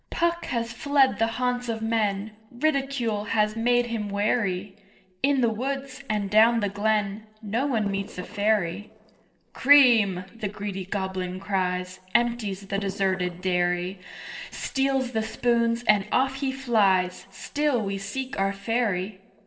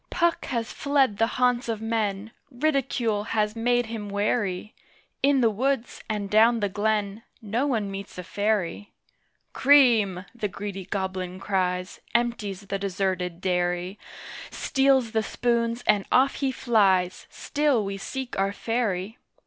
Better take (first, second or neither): second